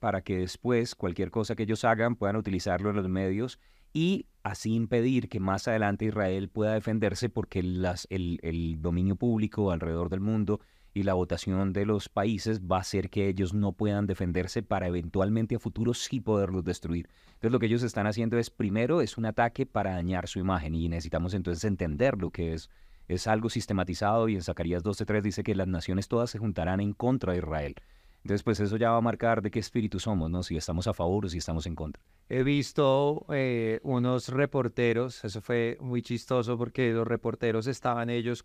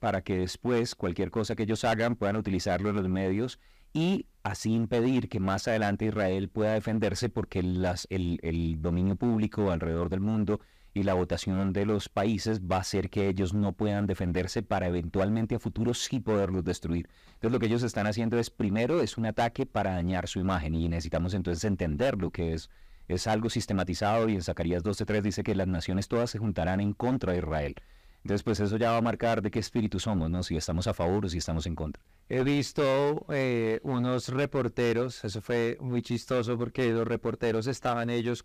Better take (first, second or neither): first